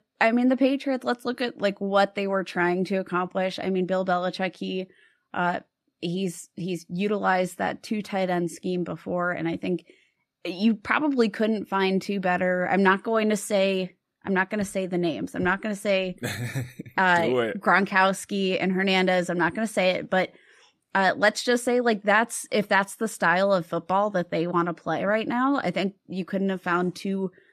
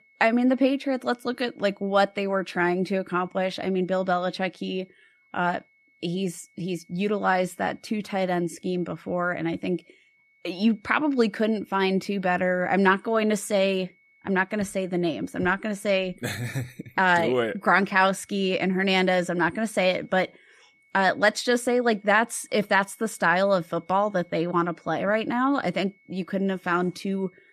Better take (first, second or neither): first